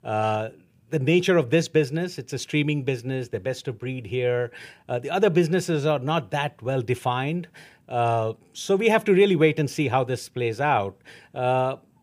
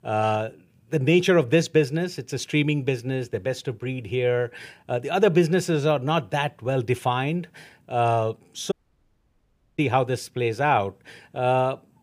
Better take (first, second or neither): first